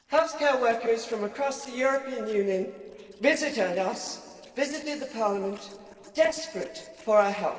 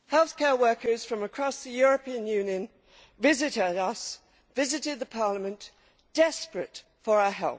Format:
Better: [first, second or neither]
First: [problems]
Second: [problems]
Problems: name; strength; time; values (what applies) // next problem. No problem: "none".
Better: second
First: noise reduction (neural separator model SepFormer DNS4)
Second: none